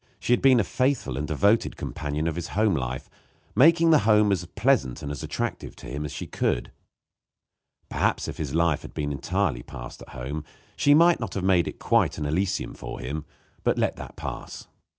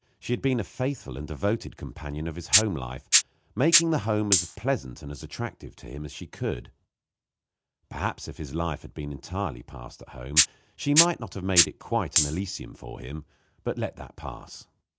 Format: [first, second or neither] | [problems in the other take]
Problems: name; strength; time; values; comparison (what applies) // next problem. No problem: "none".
first | background sound (Rattle (instrument)); 2 dB above the speech